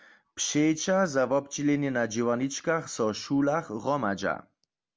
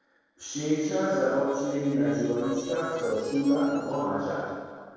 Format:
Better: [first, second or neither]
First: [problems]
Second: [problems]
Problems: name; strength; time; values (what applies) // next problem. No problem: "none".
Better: first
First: none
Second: noise reduction (neural separator model SepFormer DNS4)